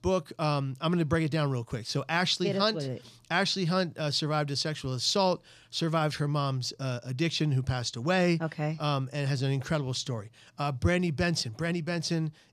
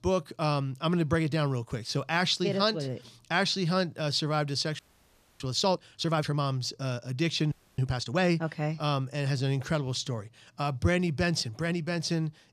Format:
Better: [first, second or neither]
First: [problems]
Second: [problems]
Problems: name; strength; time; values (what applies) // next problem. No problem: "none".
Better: first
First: none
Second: audio freezing; at 5 s for 0.5 s and at 7.5 s